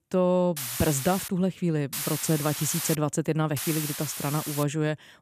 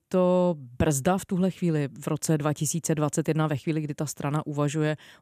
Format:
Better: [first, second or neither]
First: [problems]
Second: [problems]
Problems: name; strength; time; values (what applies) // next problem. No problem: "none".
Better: second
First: hiss; loud; at 0.5 s, from 2 to 3 s and from 3.5 to 4.5 s; 5 dB below the speech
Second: none